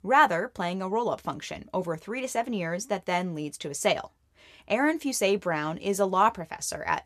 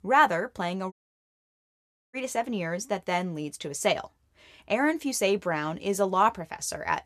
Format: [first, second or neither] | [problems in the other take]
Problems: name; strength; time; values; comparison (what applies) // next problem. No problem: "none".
first | audio cutting out; at 1 s for 1 s